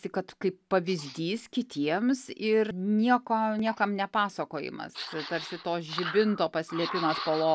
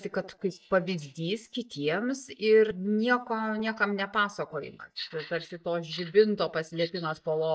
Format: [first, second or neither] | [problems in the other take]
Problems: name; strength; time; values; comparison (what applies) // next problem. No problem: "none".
first | noise reduction (neural mask model DeepFilterNet 3)